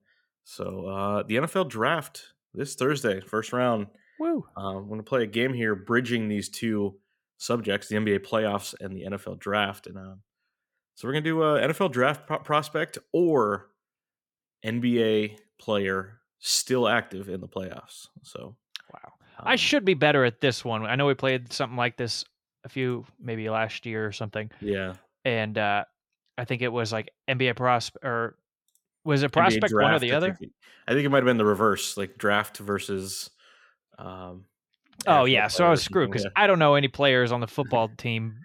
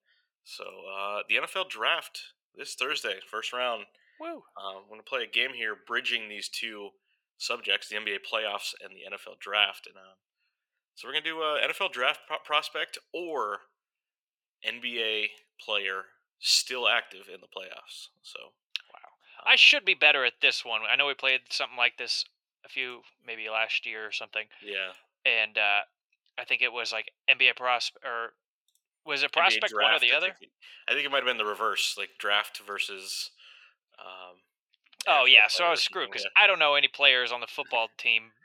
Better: first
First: none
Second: thin; very; fading below 700 Hz

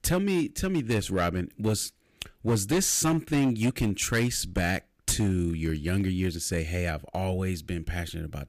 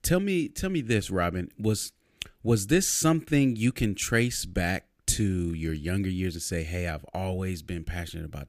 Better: second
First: distortion; slight; 6% of the sound clipped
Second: none

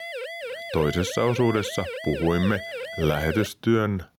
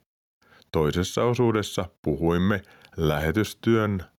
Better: second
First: siren; noticeable; until 3.5 s; peak 8 dB below the speech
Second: none

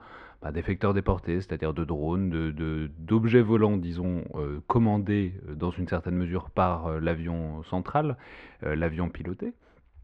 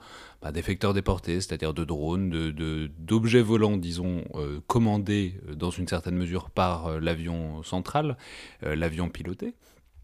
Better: second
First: muffled; very; fading above 1.5 kHz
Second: none

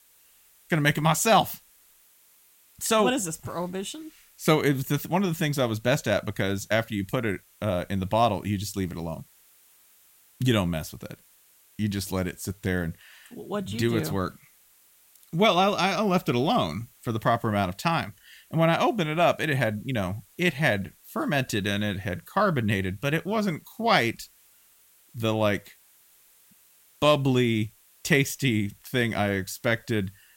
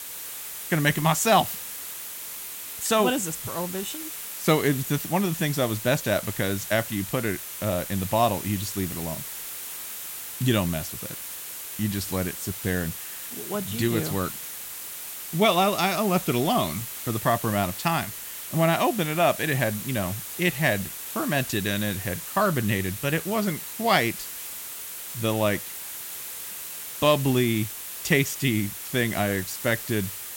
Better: first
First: hiss; faint; throughout; 30 dB below the speech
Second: hiss; loud; throughout; 8 dB below the speech

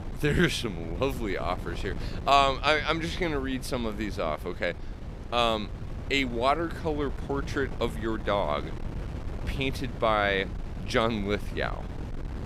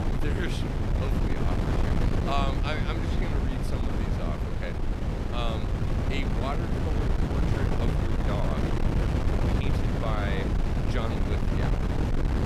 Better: first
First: wind noise on the microphone; occasional gusts; 20 dB below the speech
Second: wind noise on the microphone; heavy; 2 dB above the speech

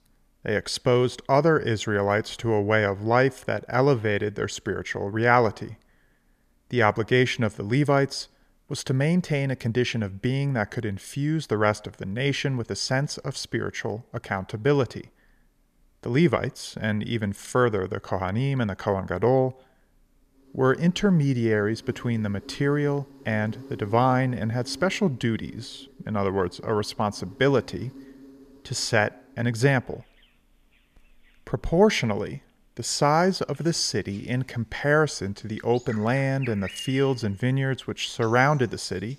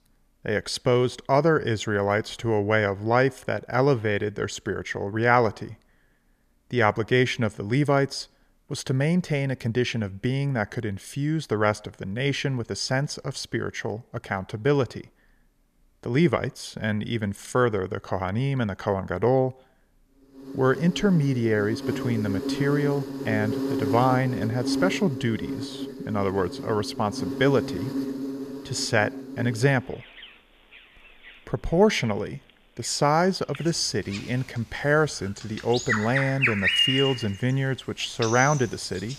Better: first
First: animal sounds; faint; from 21 s on; 20 dB below the speech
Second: animal sounds; loud; from 21 s on; 4 dB below the speech

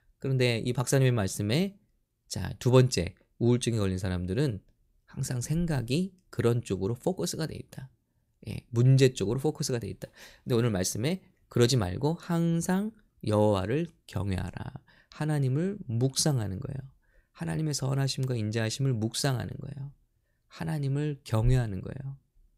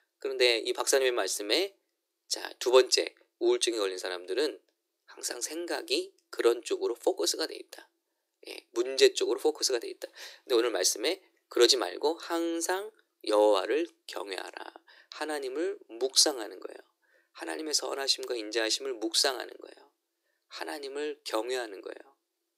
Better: first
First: none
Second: thin; very; fading below 350 Hz

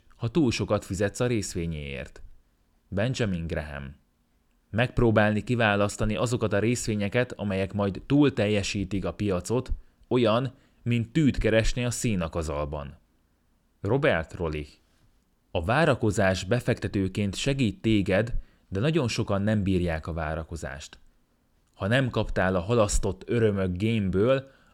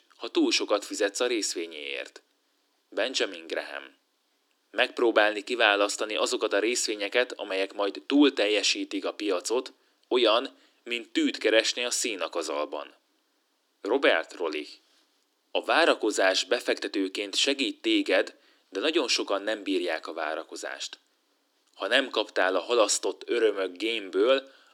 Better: first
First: none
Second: thin; somewhat; fading below 300 Hz

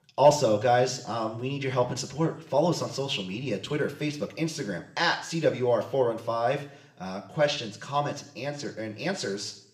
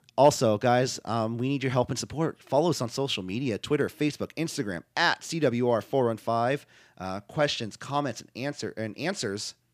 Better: second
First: room echo; slight; dies away in 0.5 s // off-mic speech; somewhat distant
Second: none

